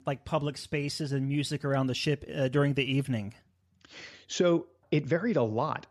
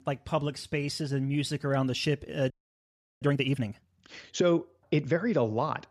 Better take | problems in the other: first | audio freezing; at 2.5 s for 0.5 s

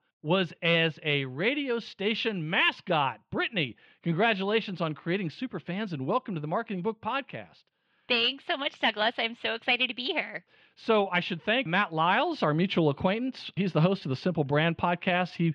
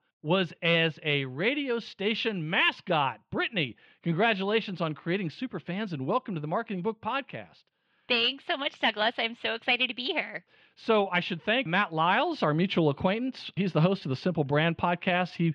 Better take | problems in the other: neither | muffled; slightly; fading above 3 kHz; the same in both

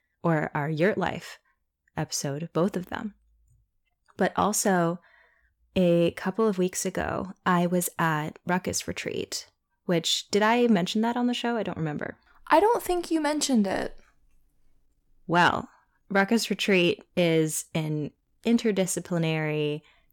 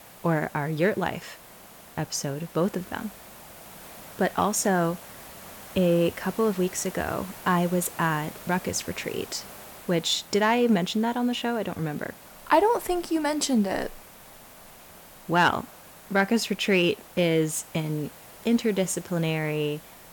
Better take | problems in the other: first | hiss; noticeable; throughout; 20 dB below the speech

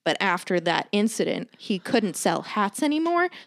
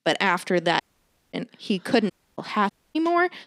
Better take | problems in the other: first | audio cutting out; at 1 s for 0.5 s, at 2 s and at 2.5 s

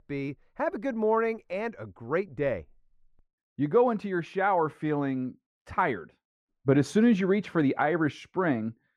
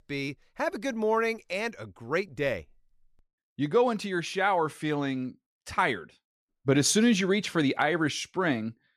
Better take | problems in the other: second | muffled; very; fading above 2.5 kHz

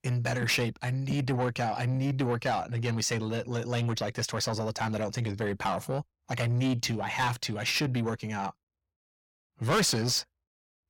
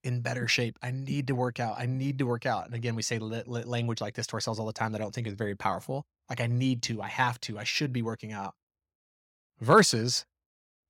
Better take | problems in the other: second | distortion; heavy; 6 dB below the speech

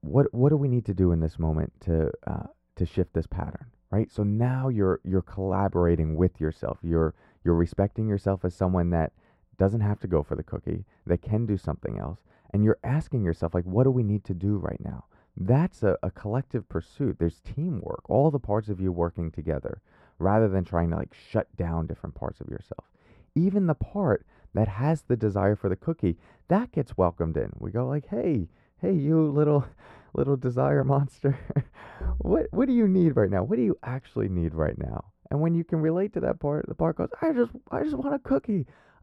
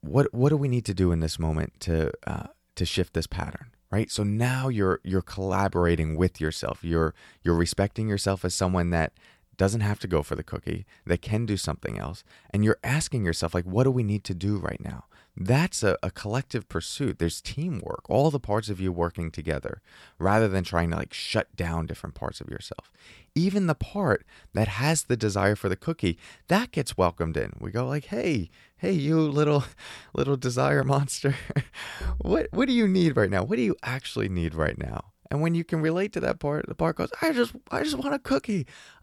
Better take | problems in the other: second | muffled; very; fading above 2 kHz

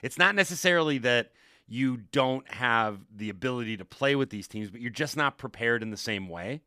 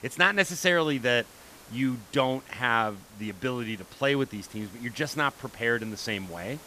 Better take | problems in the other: first | hiss; faint; throughout; 20 dB below the speech

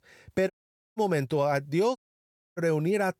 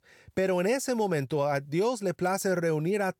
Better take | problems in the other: second | audio cutting out; at 0.5 s and at 2 s for 0.5 s

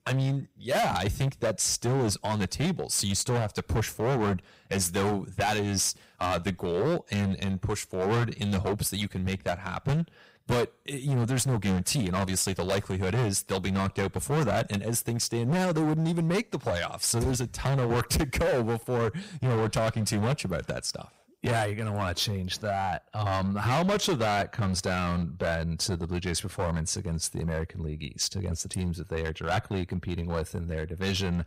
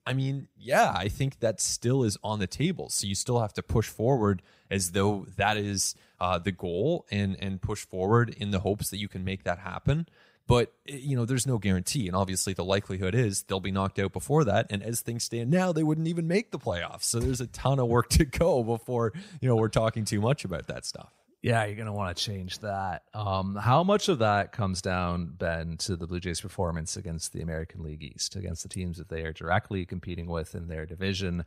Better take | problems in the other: second | distortion; heavy; 17% of the sound clipped

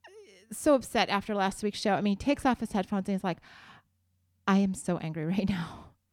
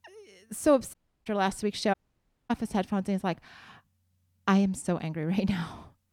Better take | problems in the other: first | audio cutting out; at 1 s and at 2 s for 0.5 s

